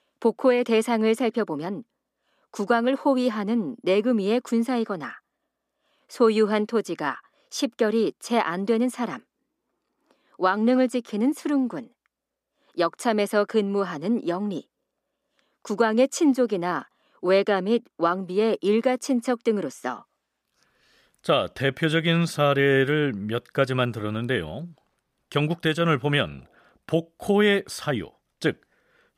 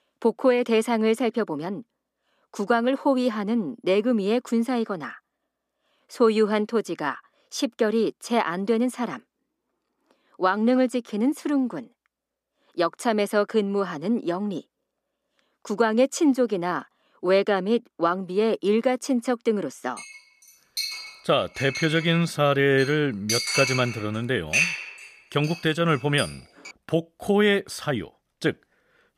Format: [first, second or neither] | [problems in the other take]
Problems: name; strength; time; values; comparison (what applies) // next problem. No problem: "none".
first | clattering dishes; loud; from 20 to 26 s; peak 3 dB above the speech